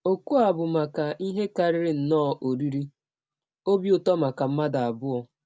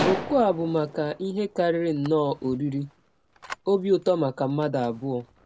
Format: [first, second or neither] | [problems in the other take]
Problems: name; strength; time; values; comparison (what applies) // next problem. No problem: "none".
first | background sound (Gunshot, gunfire); 12 dB below the speech